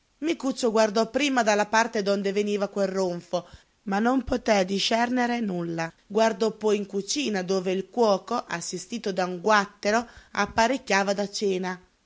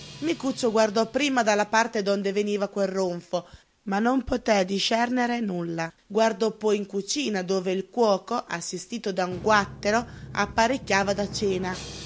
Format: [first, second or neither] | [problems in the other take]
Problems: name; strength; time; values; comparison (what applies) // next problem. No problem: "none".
first | background sound (Drum); 20 dB below the speech